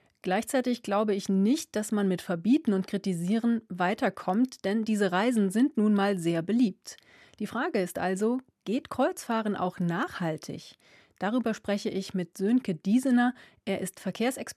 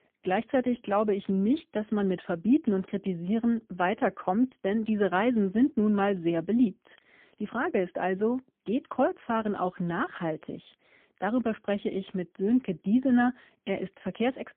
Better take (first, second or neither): first